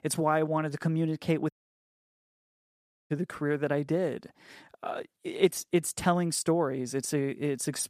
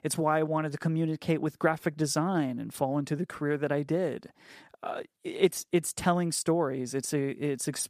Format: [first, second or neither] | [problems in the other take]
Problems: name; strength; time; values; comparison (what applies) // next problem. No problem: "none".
second | audio cutting out; at 1.5 s for 1.5 s